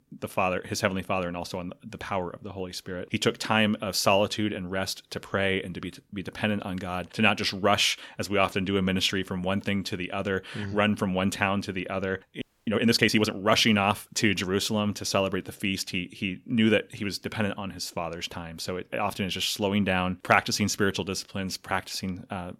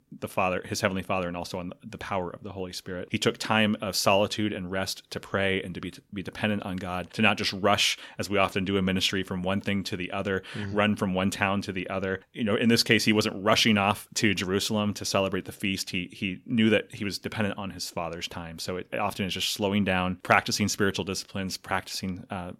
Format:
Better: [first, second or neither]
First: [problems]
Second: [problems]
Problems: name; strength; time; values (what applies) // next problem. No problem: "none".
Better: second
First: audio freezing; at 12 s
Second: none